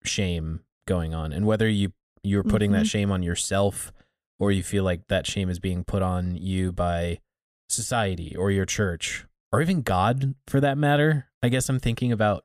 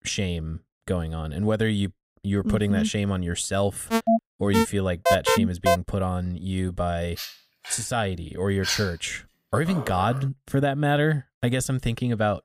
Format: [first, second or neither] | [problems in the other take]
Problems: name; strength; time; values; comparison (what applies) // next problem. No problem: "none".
first | alarm; loud; from 4 to 6 s; peak 5 dB above the speech // dog barking; noticeable; from 7 to 10 s; peak 2 dB below the speech